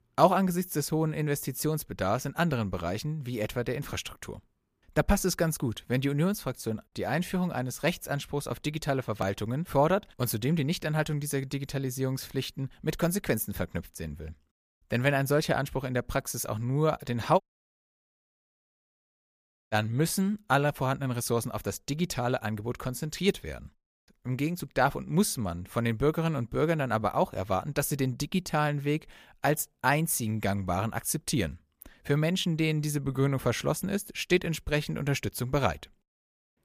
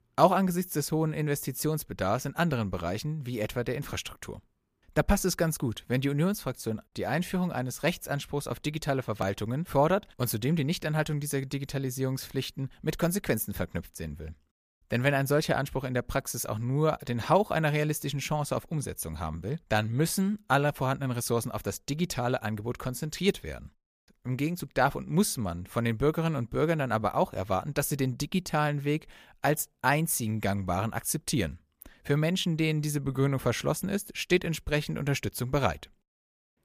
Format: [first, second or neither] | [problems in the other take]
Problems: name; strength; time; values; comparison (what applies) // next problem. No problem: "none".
second | audio cutting out; at 17 s for 2.5 s